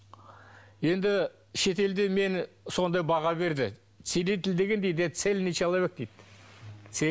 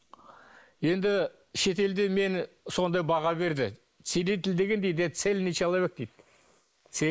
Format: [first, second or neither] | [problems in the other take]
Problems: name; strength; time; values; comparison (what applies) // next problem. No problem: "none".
first | noise reduction (neural mask model Resemble Enhance denoiser)